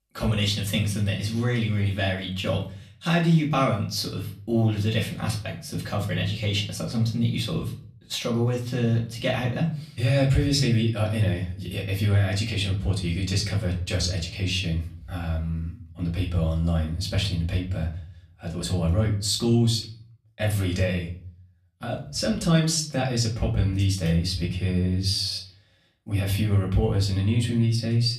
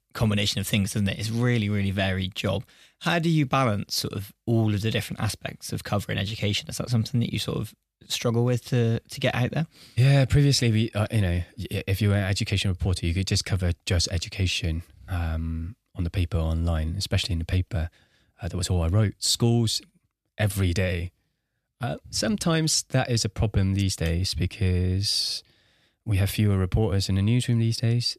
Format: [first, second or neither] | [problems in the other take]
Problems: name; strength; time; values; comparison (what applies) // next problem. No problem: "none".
second | off-mic speech; far // room echo; very slight; dies away in 0.4 s